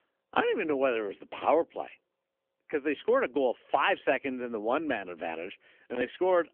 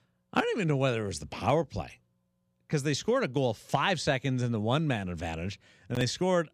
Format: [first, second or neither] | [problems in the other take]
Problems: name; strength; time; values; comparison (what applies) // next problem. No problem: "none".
second | phone-call audio; nothing above 3 kHz